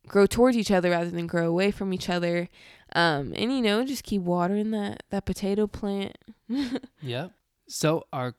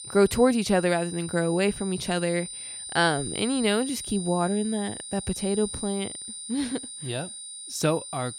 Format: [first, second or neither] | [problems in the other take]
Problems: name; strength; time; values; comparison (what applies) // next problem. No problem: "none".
first | high-pitched whine; loud; throughout; 9 kHz, 9 dB below the speech